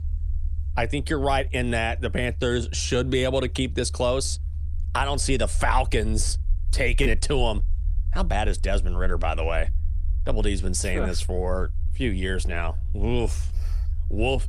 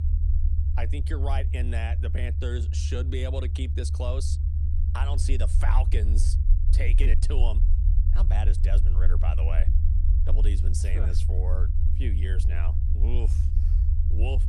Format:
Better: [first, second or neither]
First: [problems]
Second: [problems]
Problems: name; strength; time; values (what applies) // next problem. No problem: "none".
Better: first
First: low rumble; faint; throughout; 25 dB below the speech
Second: low rumble; loud; throughout; 6 dB below the speech